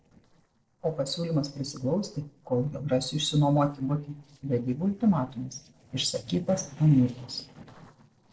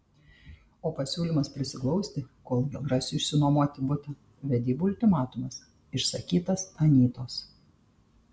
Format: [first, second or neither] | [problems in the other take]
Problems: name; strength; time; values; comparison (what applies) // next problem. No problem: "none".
second | noise reduction (neural separator model SepFormer DNS4)